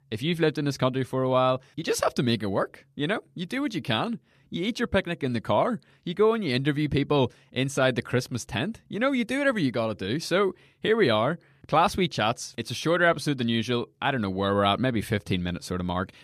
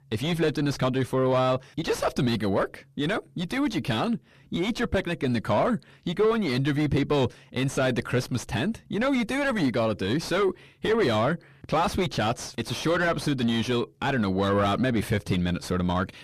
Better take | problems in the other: first | distortion; heavy; 6 dB below the speech

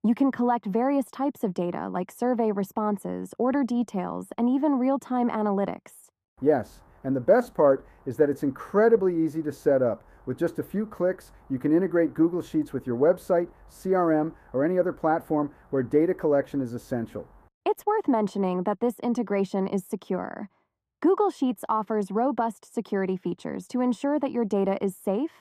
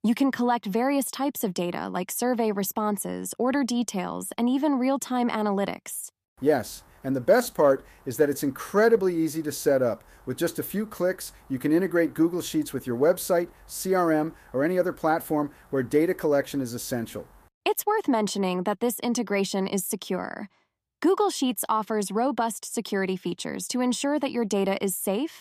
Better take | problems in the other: second | muffled; very; fading above 2 kHz

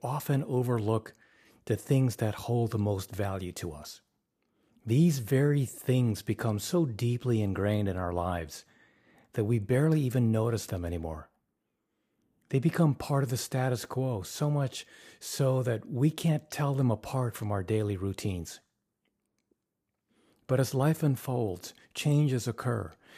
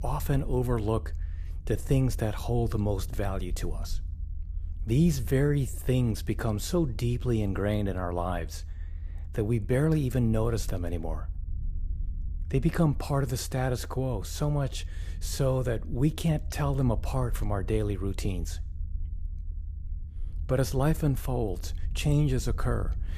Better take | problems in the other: first | low rumble; faint; throughout; 25 dB below the speech

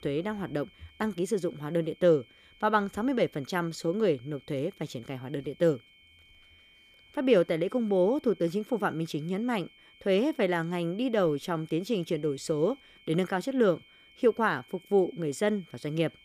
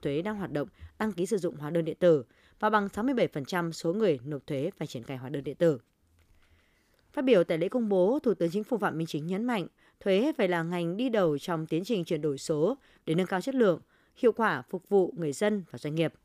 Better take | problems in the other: second | high-pitched whine; faint; throughout; 3 kHz, 25 dB below the speech

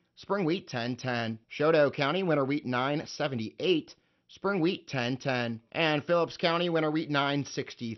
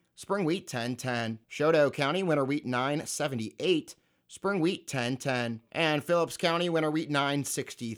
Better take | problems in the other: second | garbled, watery; slightly; nothing above 6 kHz

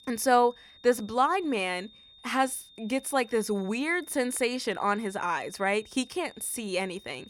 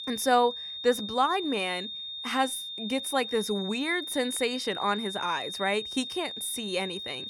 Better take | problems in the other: first | high-pitched whine; loud; throughout; 3.5 kHz, 6 dB below the speech; faint in the first

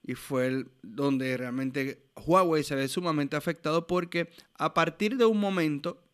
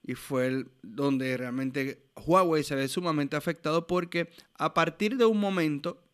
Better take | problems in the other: neither | none

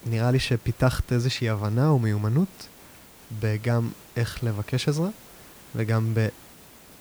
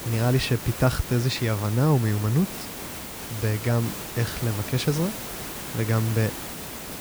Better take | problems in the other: first | hiss; loud; throughout; 8 dB below the speech; faint in the first

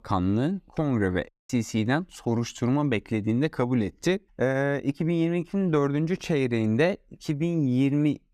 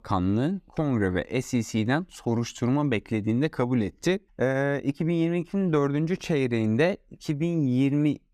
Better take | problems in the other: second | audio cutting out; at 1.5 s

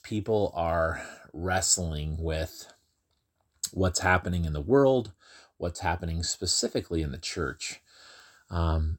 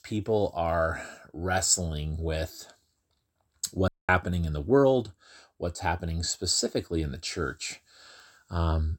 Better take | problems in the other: first | audio cutting out; at 4 s

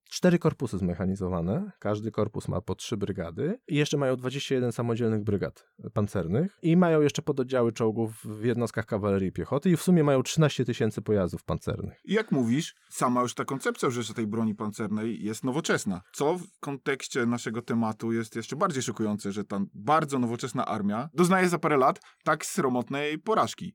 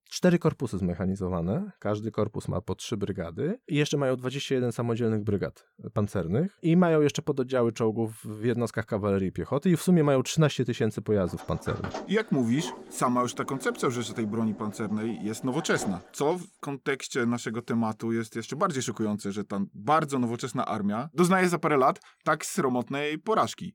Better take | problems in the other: first | door banging; noticeable; from 11 to 16 s; peak 9 dB below the speech

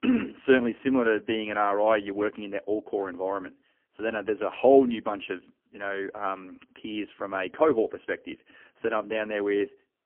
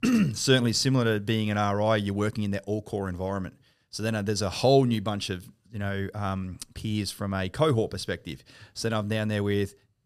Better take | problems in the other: second | phone-call audio; poor line; nothing above 3 kHz

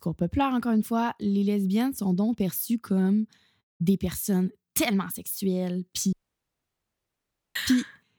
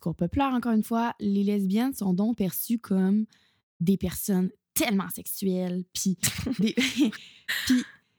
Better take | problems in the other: second | audio cutting out; at 6 s for 1.5 s

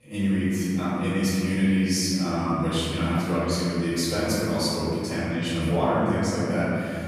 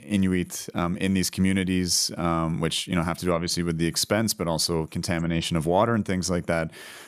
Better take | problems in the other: second | off-mic speech; far // room echo; strong; dies away in 2.5 s

